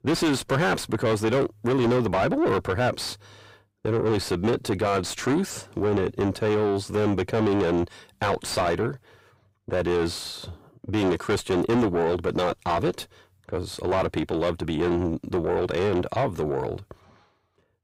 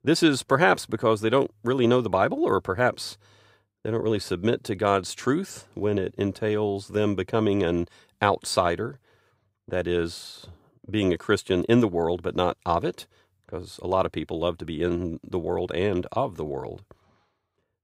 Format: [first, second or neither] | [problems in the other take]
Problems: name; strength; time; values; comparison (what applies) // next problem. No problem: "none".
second | distortion; heavy; 6 dB below the speech